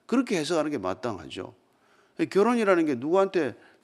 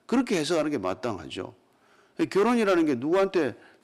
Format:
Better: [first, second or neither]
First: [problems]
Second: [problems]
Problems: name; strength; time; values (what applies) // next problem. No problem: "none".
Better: first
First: none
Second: distortion; slight; 5% of the sound clipped